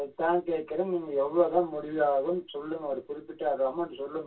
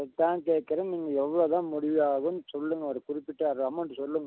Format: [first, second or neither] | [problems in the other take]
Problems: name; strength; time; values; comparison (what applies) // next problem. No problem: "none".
second | room echo; dies away in 0.2 s